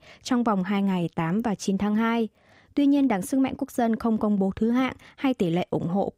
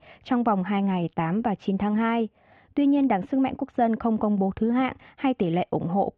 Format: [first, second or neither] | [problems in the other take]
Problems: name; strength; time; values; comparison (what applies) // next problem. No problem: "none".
first | muffled; very; fading above 3 kHz